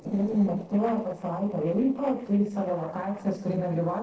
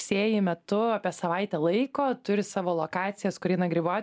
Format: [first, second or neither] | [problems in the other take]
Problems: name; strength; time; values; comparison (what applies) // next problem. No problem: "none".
second | noise reduction (neural separator model SepFormer DNS4)